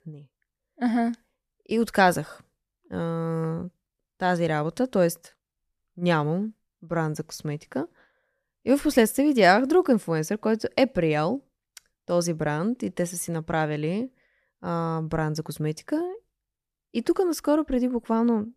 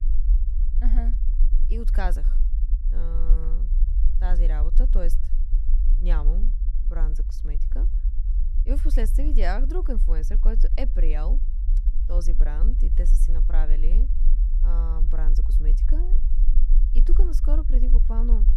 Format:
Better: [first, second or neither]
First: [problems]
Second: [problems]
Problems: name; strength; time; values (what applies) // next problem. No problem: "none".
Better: first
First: none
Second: low rumble; noticeable; throughout; 10 dB below the speech